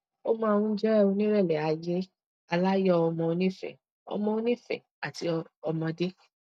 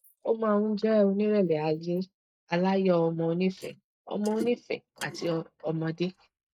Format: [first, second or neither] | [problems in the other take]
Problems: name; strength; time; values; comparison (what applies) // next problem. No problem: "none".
first | noise reduction (neural mask model Resemble Enhance denoiser)